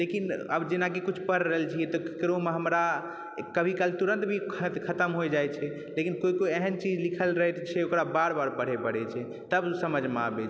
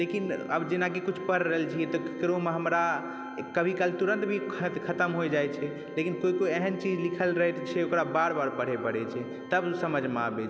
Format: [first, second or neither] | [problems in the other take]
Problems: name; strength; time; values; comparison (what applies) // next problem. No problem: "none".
first | background sound (Organ); 14 dB below the speech